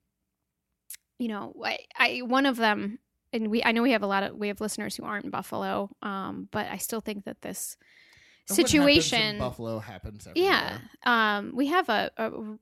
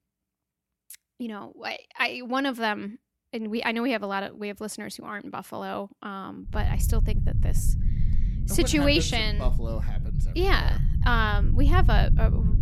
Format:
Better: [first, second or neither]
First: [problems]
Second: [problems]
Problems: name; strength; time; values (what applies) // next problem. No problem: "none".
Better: first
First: none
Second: low rumble; noticeable; from 6.5 s on; 15 dB below the speech